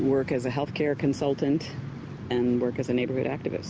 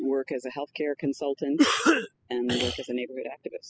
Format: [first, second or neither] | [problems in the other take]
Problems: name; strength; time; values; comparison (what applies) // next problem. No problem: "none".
first | noise reduction (classical method spectral subtraction)